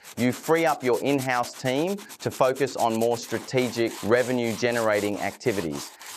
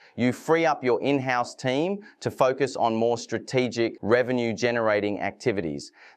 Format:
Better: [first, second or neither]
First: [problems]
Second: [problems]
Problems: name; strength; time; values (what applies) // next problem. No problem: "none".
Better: second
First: machinery noise; noticeable; throughout; 15 dB below the speech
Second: none